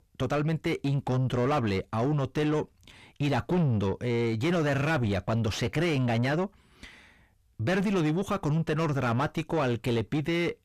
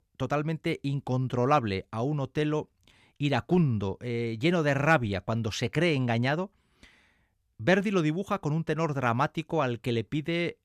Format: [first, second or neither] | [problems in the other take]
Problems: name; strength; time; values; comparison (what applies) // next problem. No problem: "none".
second | distortion; heavy; 6 dB below the speech